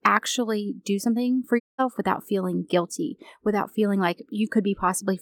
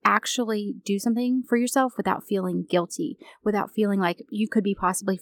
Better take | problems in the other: second | audio cutting out; at 1.5 s

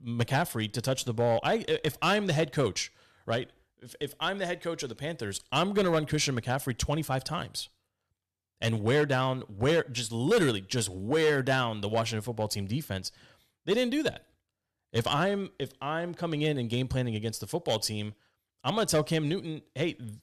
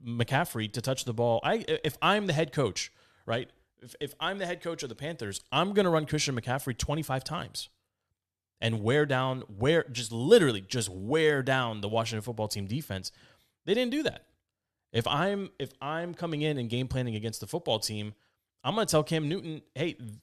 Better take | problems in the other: second | distortion; slight; 3% of the sound clipped

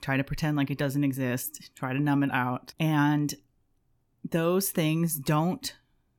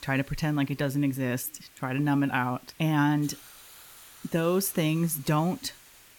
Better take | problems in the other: first | hiss; faint; throughout; 20 dB below the speech

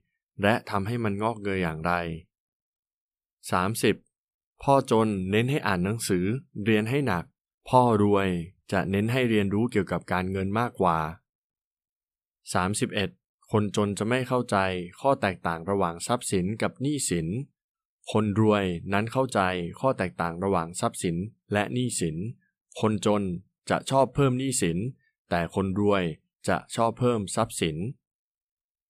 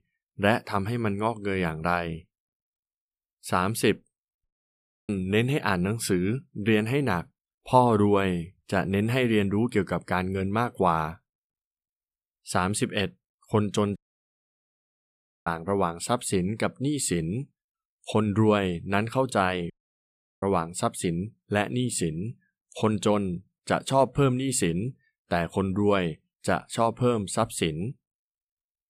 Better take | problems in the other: first | audio cutting out; at 4.5 s for 0.5 s, at 14 s for 1.5 s and at 20 s for 0.5 s

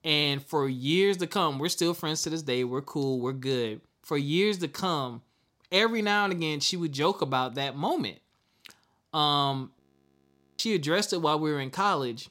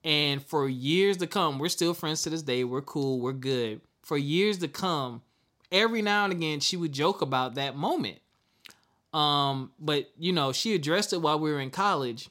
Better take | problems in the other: second | audio freezing; at 10 s for 1 s

